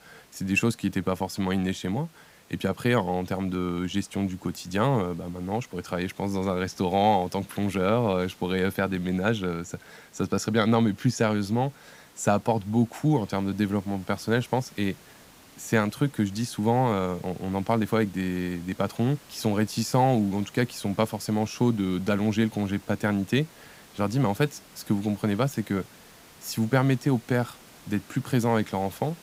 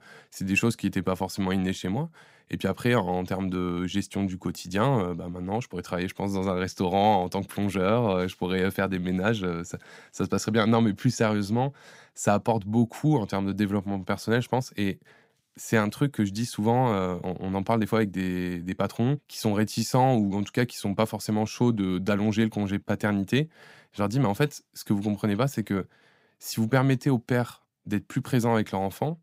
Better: second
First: hiss; faint; throughout; 25 dB below the speech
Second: none

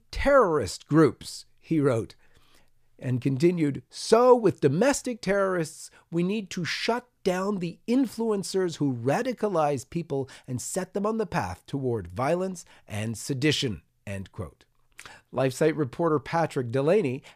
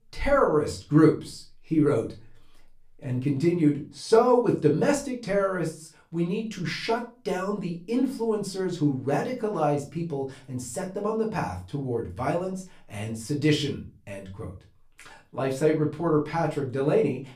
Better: first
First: none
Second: off-mic speech; far // room echo; very slight; dies away in 0.3 s

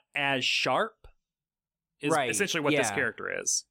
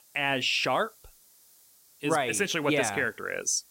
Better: first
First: none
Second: hiss; faint; throughout; 30 dB below the speech

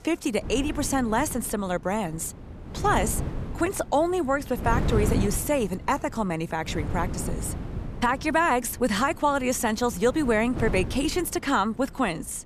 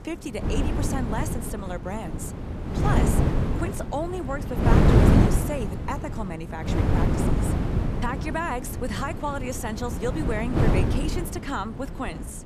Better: first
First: wind noise on the microphone; occasional gusts; 15 dB below the speech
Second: wind noise on the microphone; heavy; as loud as the speech

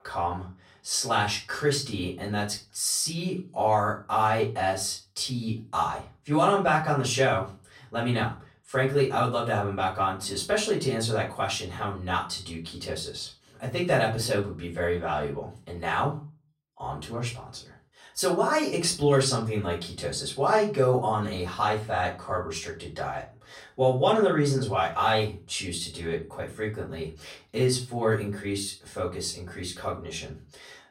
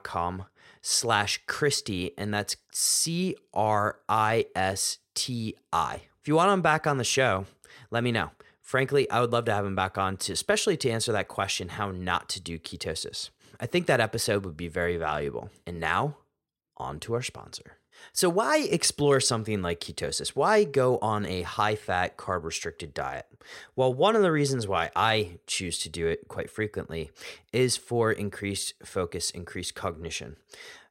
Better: second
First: room echo; slight; dies away in 0.3 s // off-mic speech; far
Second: none

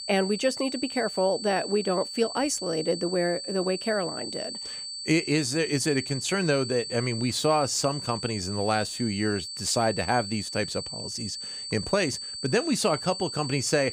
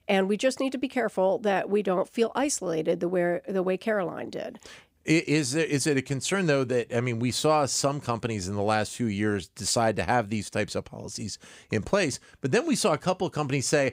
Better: second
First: high-pitched whine; loud; throughout; 4.5 kHz, 7 dB below the speech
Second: none

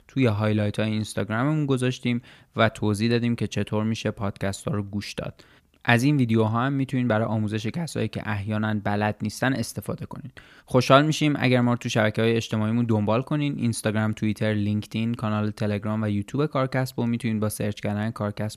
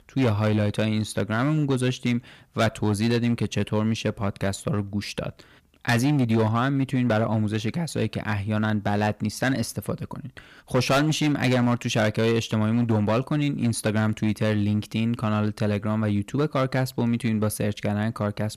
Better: first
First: none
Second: distortion; slight; 6% of the sound clipped

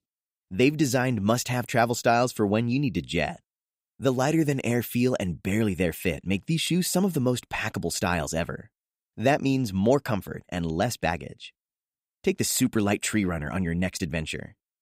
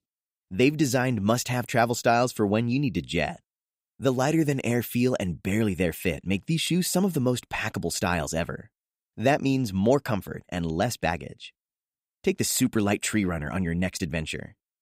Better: neither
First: none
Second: none

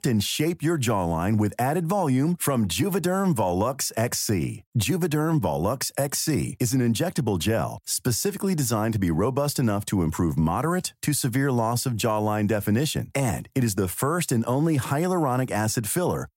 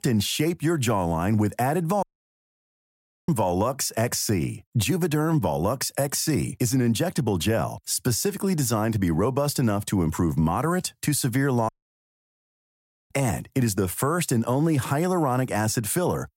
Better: first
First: none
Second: audio cutting out; at 2 s for 1.5 s and at 12 s for 1.5 s

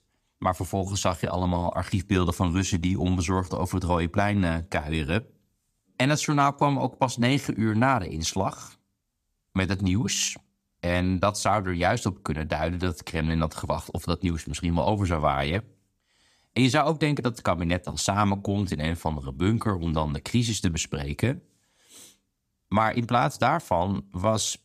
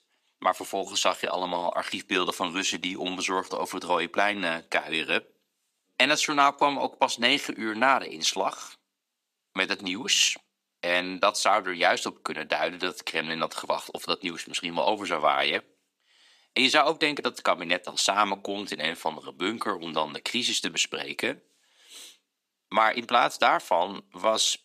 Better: first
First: none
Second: thin; somewhat; fading below 350 Hz

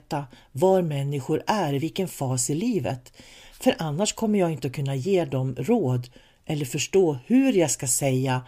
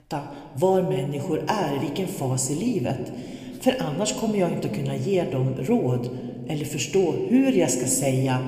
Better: first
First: none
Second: room echo; slight; dies away in 1.5 s

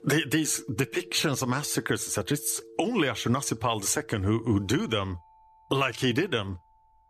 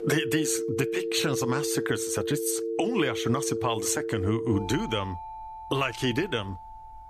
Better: first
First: alarms or sirens; faint; throughout; 25 dB below the speech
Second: alarms or sirens; loud; throughout; 4 dB below the speech

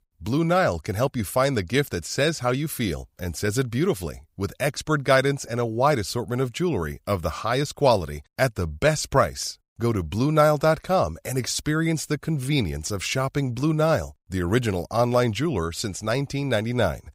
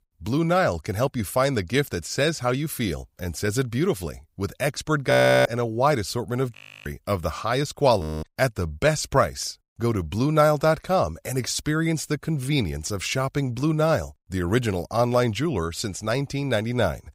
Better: first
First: none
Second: audio freezing; at 5 s, at 6.5 s and at 8 s

